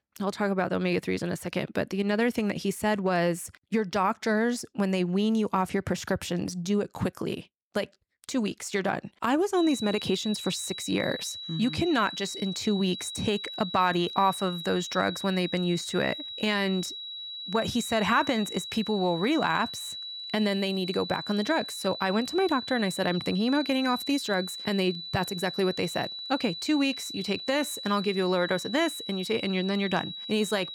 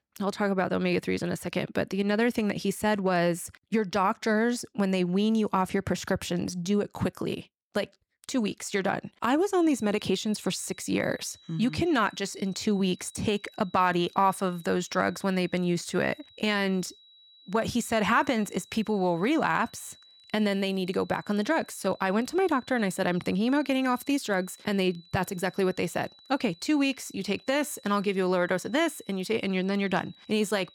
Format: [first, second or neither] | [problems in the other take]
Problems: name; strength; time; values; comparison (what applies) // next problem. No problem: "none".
second | high-pitched whine; loud; from 9.5 s on; 4 kHz, 8 dB below the speech; faint in the second